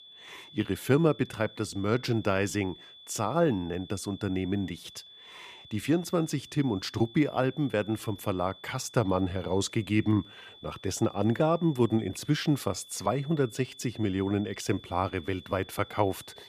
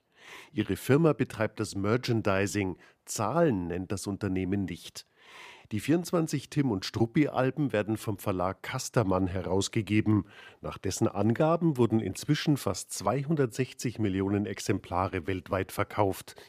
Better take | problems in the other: second | high-pitched whine; noticeable; throughout; 3.5 kHz, 20 dB below the speech

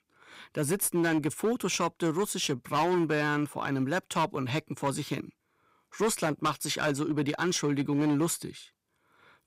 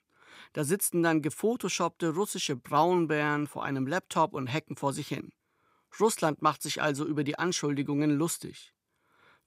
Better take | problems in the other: second | distortion; slight; 8% of the sound clipped

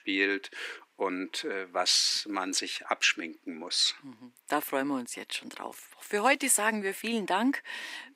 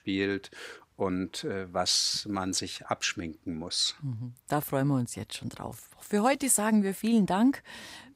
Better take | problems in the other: second | thin; somewhat; fading below 300 Hz

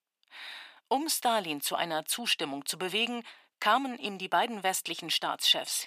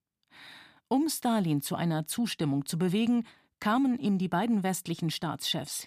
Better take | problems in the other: second | thin; very; fading below 600 Hz

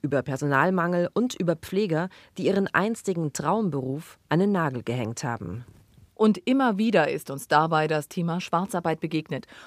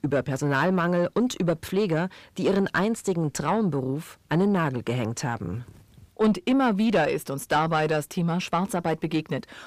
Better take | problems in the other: first | distortion; slight; 10 dB below the speech

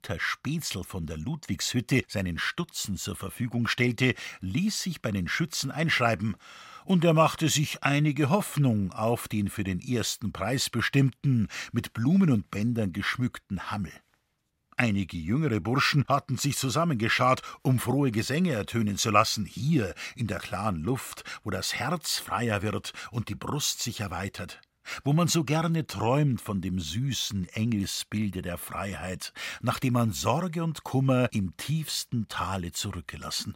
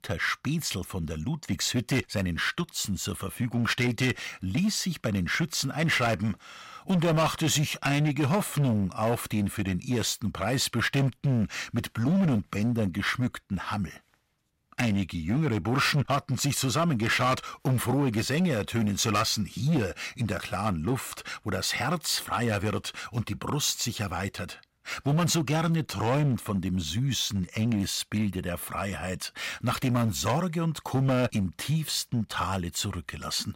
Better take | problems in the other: first | distortion; slight; 8% of the sound clipped

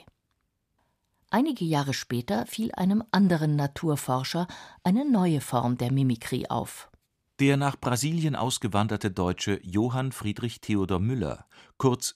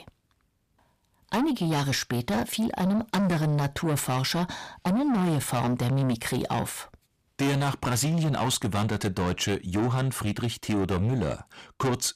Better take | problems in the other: first | distortion; heavy; 6 dB below the speech

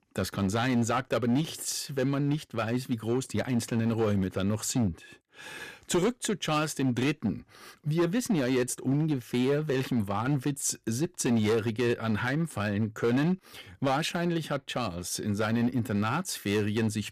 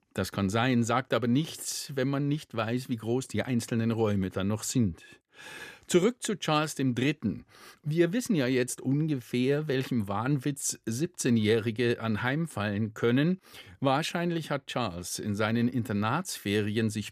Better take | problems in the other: second | distortion; slight; 7% of the sound clipped

